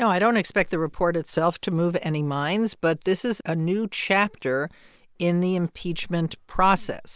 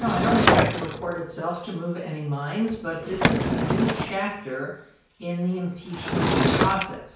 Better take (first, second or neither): first